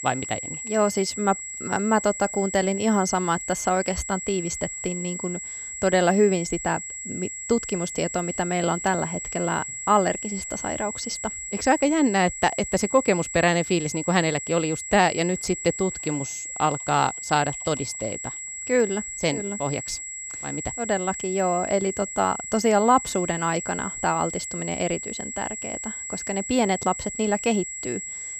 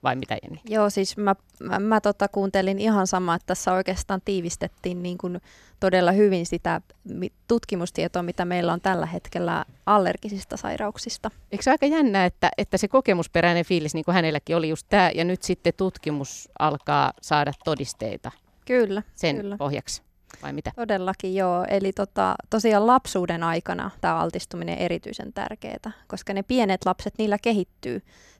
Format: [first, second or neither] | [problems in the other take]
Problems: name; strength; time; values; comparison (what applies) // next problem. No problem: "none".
second | high-pitched whine; loud; throughout; 7.5 kHz, 7 dB below the speech